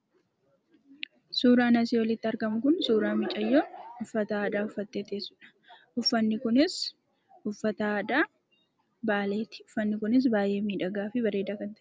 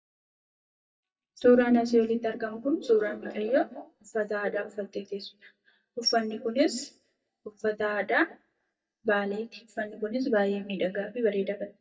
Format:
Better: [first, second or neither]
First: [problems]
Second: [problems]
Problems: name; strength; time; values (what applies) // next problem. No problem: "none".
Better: first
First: none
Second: noise reduction (neural mask model DeepFilterNet 3)